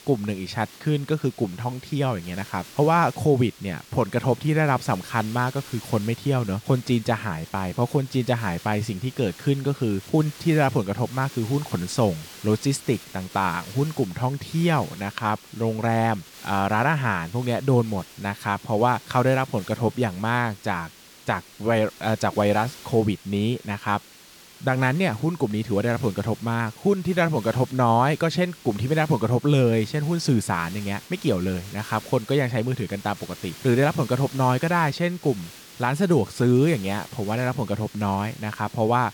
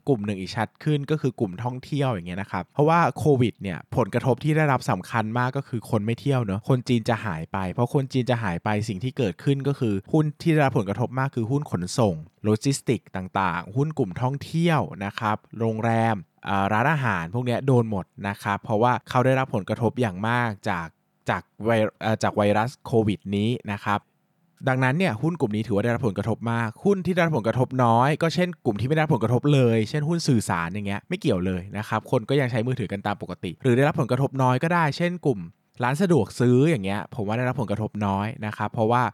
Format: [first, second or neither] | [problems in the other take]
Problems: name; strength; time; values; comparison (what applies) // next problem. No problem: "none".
second | hiss; noticeable; throughout; 20 dB below the speech